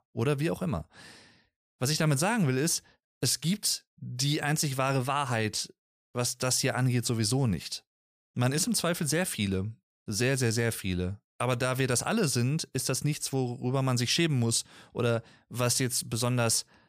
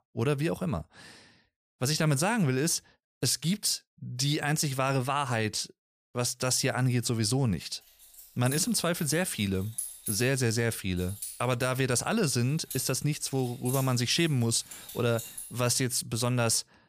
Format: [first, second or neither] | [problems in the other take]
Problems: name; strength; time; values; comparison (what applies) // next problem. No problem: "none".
first | jangling keys; noticeable; from 8 to 15 s; peak 4 dB below the speech